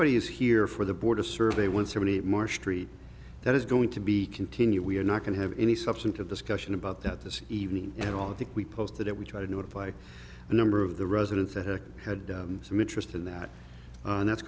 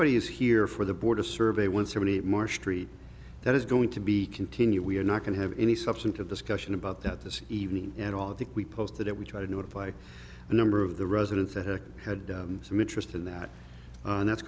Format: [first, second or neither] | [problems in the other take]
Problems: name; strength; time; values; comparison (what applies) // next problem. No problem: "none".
second | background sound (Door); 16 dB below the speech